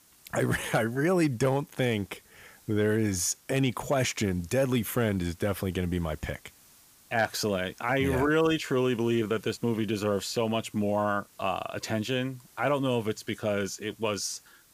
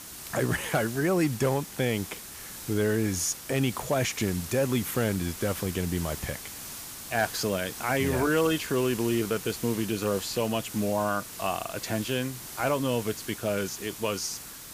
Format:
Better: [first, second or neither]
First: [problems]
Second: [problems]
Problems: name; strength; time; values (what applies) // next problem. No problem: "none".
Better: first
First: hiss; faint; throughout; 25 dB below the speech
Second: hiss; loud; throughout; 10 dB below the speech